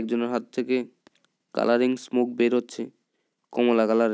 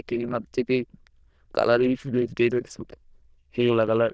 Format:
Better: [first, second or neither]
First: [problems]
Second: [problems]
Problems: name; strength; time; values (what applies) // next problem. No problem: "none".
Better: first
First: none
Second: noise reduction (neural diffusion model UNIVERSE++)